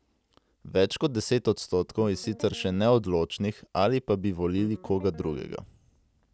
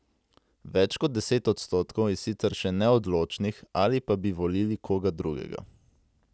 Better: second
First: background sound (Guitar); 20 dB below the speech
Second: none

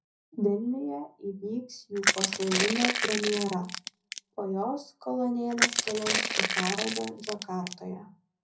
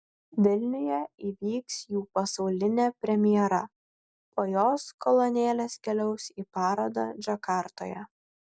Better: second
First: background sound (Crushing); 1 dB above the speech // room echo; dies away in 0.4 s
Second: none

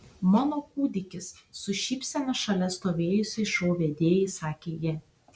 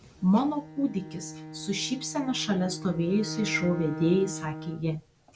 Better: first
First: none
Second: background sound (Bowed string instrument); 11 dB below the speech

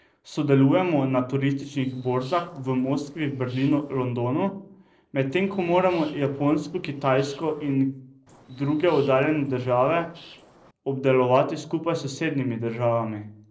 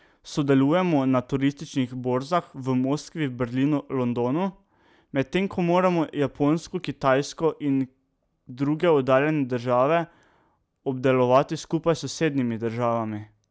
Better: second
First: noise reduction (neural separator model SepFormer DNS4)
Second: none

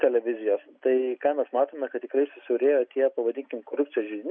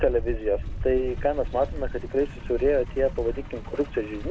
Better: first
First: none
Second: background sound (Truck); 6 dB below the speech

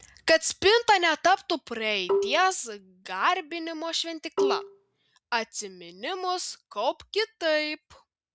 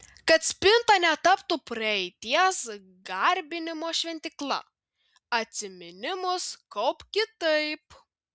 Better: second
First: background sound (Marimba, xylophone); 2 dB below the speech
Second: none

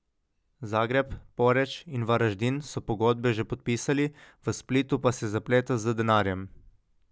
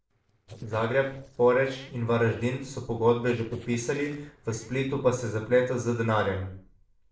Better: first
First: none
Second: noise reduction (neural separator model SepFormer DNS4)

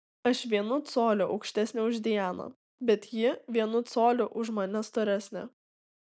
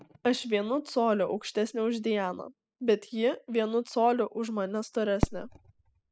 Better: first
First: none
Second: noise reduction (classical method spectral subtraction)

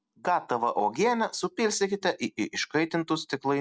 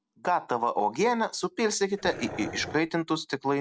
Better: first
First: none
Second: background sound (Dog); 11 dB below the speech

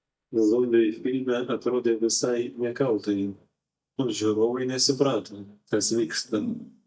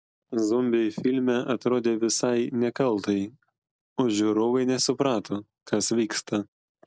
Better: second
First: noise reduction (neural mask model DeepFilterNet 3)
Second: none

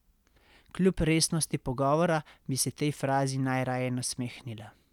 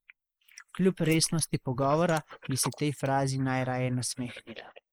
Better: first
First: none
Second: noise reduction (neural mask model Resemble Enhance denoiser)

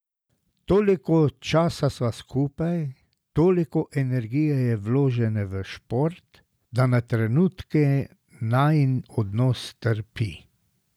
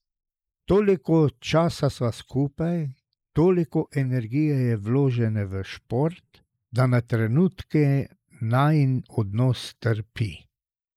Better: first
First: none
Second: noise reduction (neural mask model Resemble Enhance denoiser)

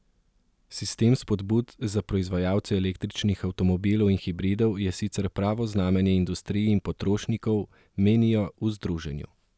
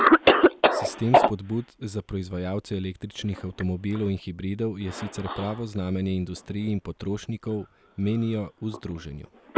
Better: first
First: none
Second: background sound (Cough); 3 dB above the speech

